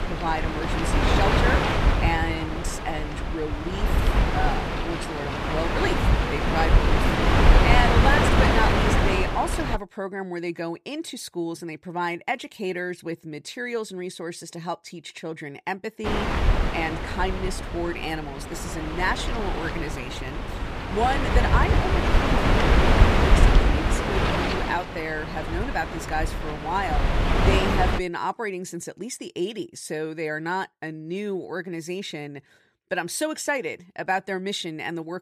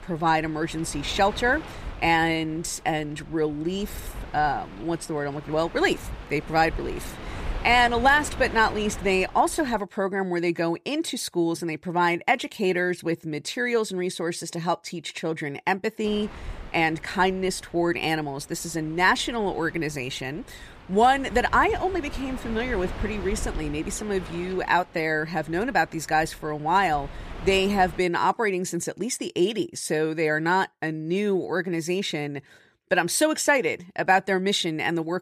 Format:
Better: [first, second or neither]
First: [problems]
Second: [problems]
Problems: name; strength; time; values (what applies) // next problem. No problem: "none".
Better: second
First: wind noise on the microphone; heavy; until 10 s and from 16 to 28 s; 3 dB above the speech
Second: wind noise on the microphone; occasional gusts; until 10 s and from 16 to 28 s; 20 dB below the speech